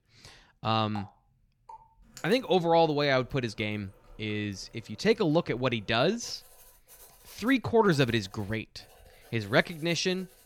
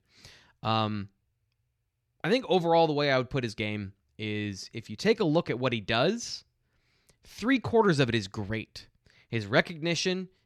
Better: second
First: household noises; faint; throughout; 25 dB below the speech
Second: none

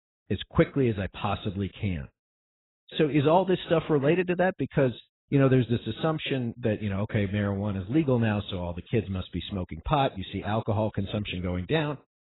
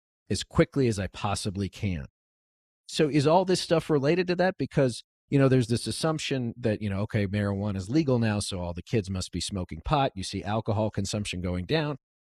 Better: second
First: garbled, watery; badly; nothing above 4 kHz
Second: none

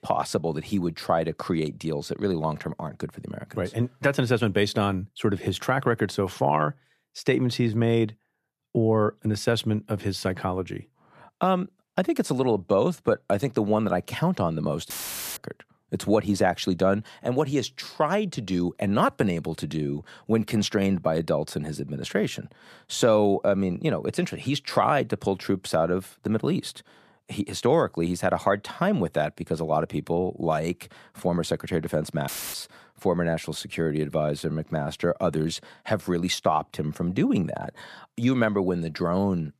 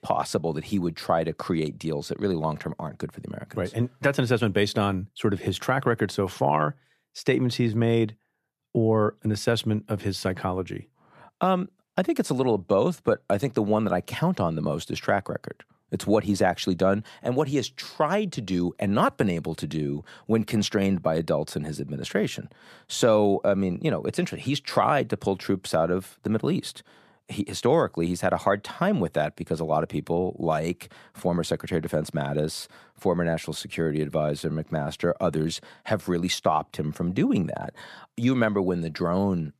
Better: second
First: audio cutting out; filled with static; at 15 s and at 32 s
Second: none

